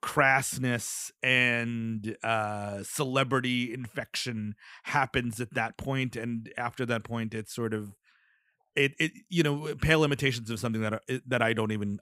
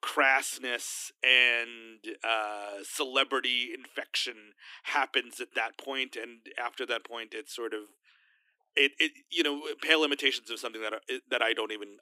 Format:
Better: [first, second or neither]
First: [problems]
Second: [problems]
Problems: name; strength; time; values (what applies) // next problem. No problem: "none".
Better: first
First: none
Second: thin; somewhat; fading below 300 Hz